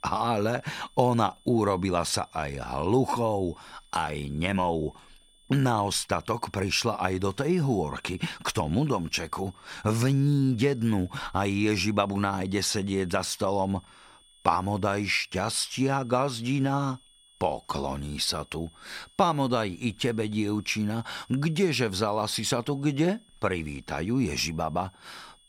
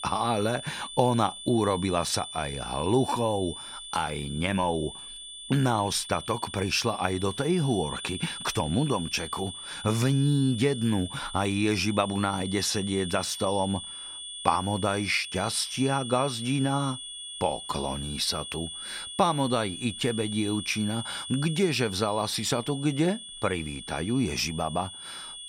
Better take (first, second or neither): first